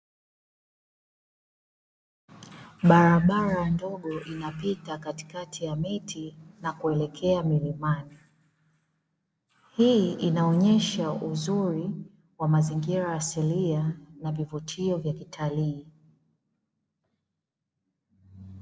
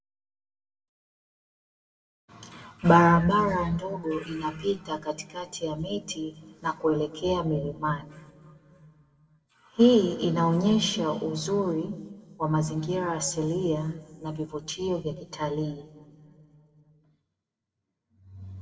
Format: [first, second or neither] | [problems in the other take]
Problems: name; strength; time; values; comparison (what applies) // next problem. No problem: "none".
first | room echo; dies away in 1.7 s